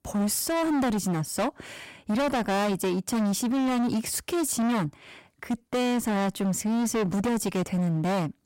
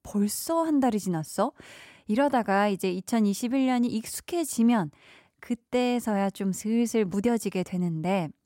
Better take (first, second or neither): second